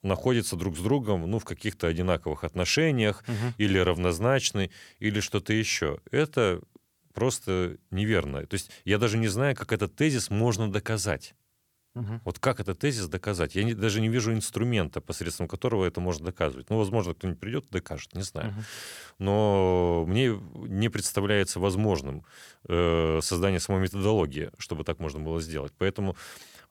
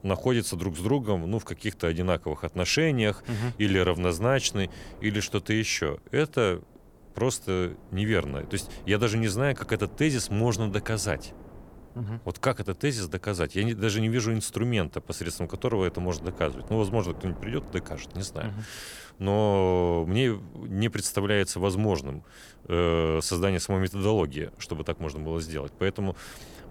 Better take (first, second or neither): first